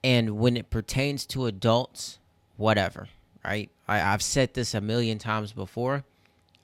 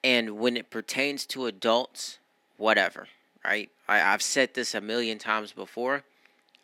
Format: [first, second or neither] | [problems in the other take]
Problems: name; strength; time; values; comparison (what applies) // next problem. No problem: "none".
first | thin; somewhat; fading below 250 Hz